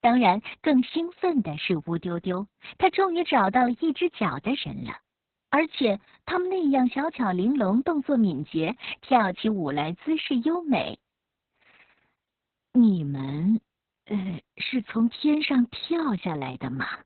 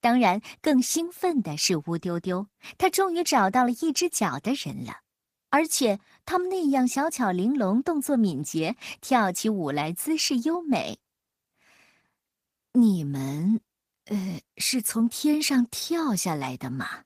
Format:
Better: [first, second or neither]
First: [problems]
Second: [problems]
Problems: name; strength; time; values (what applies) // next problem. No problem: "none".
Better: second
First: garbled, watery; badly; nothing above 4 kHz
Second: garbled, watery; slightly; nothing above 15 kHz